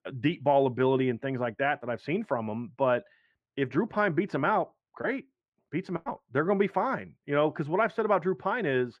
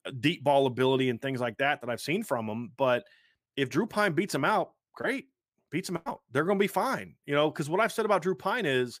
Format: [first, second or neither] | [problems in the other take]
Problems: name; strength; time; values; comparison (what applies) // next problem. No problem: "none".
second | muffled; very; fading above 2 kHz